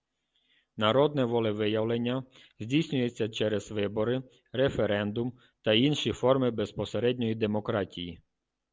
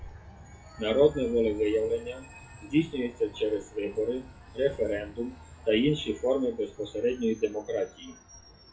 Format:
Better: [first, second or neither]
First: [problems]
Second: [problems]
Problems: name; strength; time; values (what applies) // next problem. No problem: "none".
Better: first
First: none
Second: noise reduction (classical method WPE with log-MMSE)